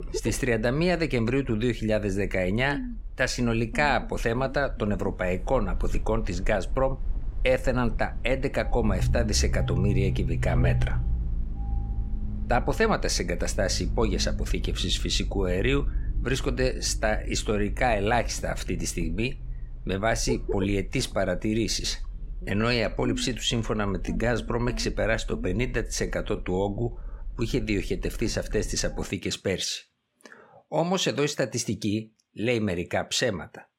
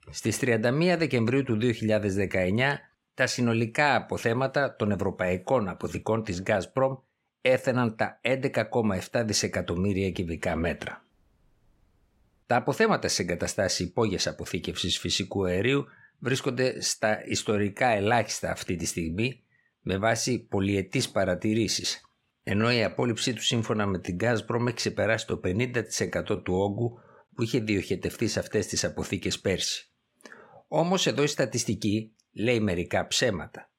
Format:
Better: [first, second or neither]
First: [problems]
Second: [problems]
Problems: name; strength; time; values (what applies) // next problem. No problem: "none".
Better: second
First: low rumble; noticeable; until 29 s; 15 dB below the speech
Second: none